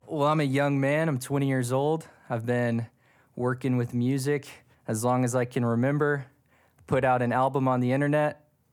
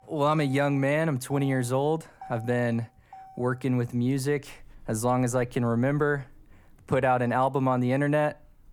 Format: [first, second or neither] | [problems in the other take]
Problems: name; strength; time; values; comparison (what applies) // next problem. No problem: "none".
first | traffic noise; faint; throughout; 25 dB below the speech